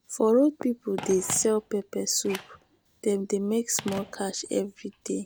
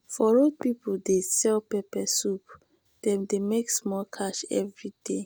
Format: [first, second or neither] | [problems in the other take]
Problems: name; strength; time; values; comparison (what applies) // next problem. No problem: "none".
second | background sound (Telephone); 17 dB below the speech